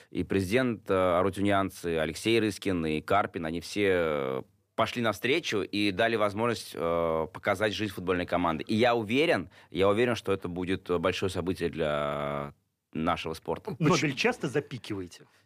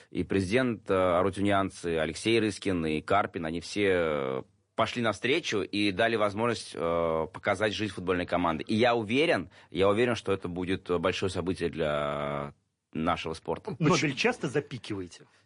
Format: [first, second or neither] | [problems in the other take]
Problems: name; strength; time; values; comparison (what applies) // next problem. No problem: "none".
first | garbled, watery; slightly; nothing above 10.5 kHz